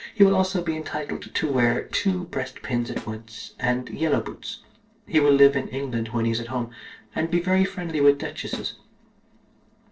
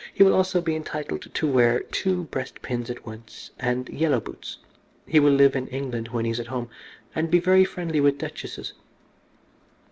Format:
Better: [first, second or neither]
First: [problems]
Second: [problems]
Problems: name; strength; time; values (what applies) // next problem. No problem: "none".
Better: second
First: noise reduction (neural separator model SepFormer DNS4)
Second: none